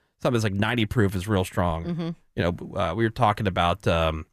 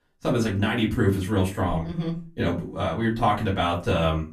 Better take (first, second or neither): first